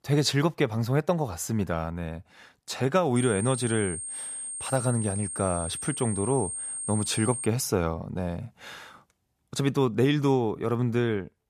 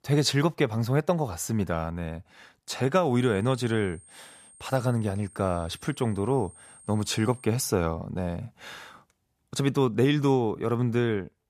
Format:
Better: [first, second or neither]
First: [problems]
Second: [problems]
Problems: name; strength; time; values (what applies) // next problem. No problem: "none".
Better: second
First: high-pitched whine; loud; from 3 to 7.5 s; 8.5 kHz, 5 dB below the speech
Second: high-pitched whine; faint; from 3 to 7.5 s; 8.5 kHz, 25 dB below the speech